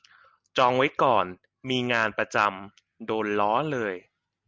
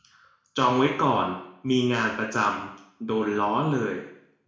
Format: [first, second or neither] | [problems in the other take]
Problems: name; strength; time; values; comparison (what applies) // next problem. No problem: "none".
first | room echo; dies away in 0.6 s